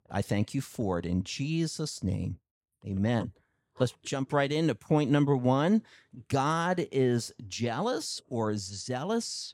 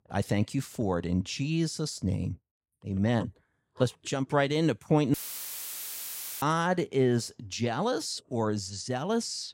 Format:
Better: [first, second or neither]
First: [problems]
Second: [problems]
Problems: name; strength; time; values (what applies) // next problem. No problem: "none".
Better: first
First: none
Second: audio cutting out; filled with static; at 5 s for 1.5 s